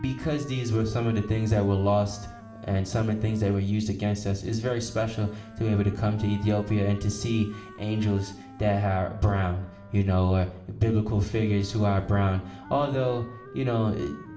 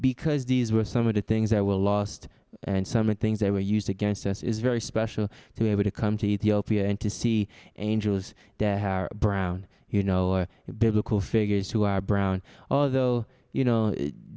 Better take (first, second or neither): second